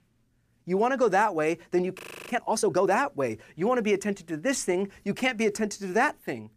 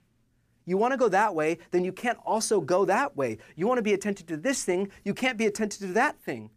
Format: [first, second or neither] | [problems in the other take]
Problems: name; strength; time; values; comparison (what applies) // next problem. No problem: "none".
second | audio freezing; at 2 s